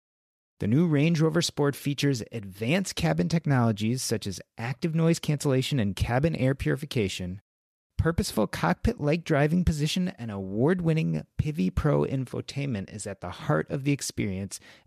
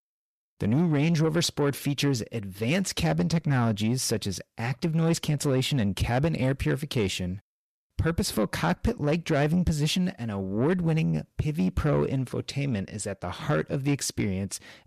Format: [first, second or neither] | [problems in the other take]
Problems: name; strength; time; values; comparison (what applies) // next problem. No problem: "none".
first | distortion; slight; 10 dB below the speech